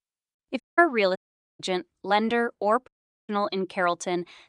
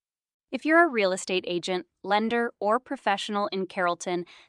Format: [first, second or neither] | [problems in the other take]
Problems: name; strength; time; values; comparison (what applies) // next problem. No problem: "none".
second | audio cutting out; at 0.5 s, at 1 s and at 3 s